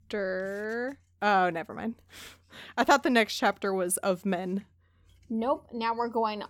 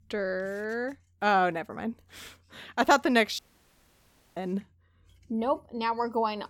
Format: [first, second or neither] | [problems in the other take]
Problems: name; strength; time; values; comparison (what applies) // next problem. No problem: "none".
first | audio cutting out; at 3.5 s for 1 s